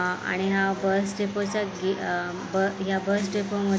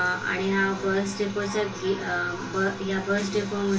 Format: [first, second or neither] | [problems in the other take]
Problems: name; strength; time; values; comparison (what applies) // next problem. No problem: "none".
first | room echo; dies away in 0.2 s